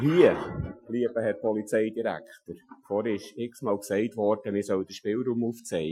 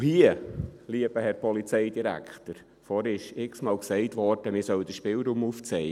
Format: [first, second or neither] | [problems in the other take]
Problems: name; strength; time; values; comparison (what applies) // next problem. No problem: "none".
second | noise reduction (classical method Wiener filter)